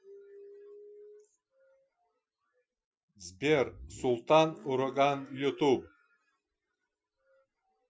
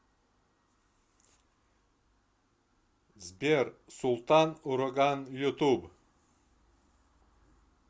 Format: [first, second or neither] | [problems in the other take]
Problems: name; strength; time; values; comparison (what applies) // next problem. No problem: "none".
second | noise reduction (classical method Wiener filter)